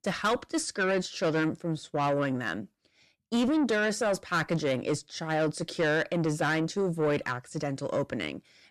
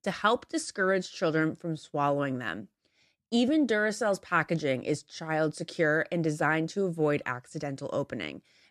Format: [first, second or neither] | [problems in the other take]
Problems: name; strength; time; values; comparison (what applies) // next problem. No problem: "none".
second | distortion; slight; 10 dB below the speech